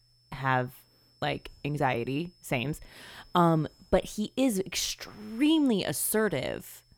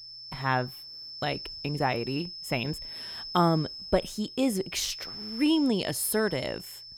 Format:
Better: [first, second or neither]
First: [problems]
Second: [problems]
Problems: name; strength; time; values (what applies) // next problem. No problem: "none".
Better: first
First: high-pitched whine; faint; throughout; 5 kHz, 35 dB below the speech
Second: high-pitched whine; loud; throughout; 5 kHz, 10 dB below the speech